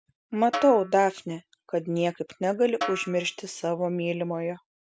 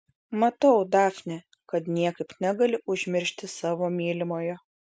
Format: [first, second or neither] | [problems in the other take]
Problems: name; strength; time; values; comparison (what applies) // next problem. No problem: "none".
second | background sound (Snare drum); 12 dB below the speech